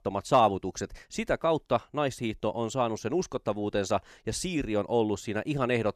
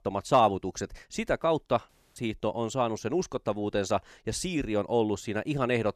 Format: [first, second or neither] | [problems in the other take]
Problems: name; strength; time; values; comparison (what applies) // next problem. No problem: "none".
first | audio cutting out; at 2 s